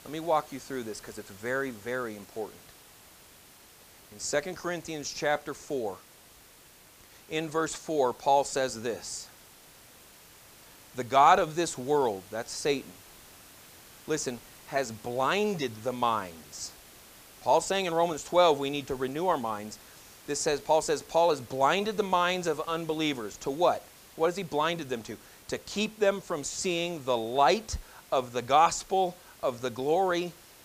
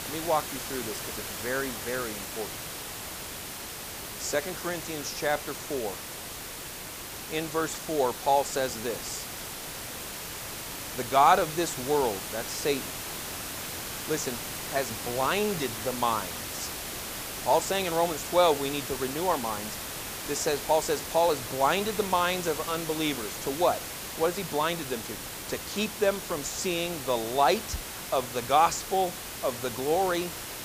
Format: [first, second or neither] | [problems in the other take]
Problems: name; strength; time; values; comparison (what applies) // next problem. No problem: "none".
first | hiss; loud; throughout; 6 dB below the speech; faint in the first